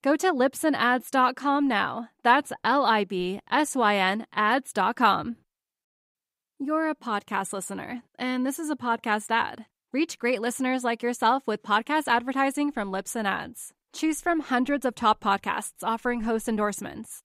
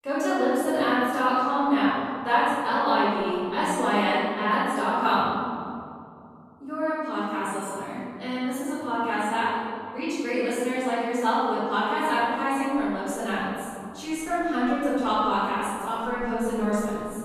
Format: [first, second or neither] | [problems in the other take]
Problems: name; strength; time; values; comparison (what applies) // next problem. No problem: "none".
first | room echo; strong; dies away in 2.6 s // off-mic speech; far